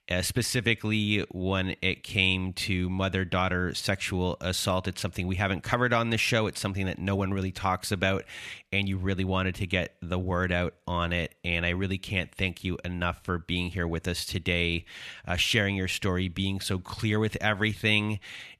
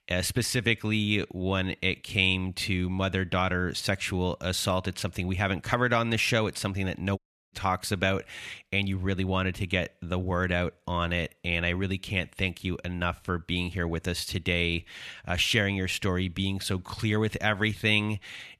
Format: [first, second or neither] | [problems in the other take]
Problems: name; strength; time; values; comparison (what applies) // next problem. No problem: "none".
first | audio cutting out; at 7 s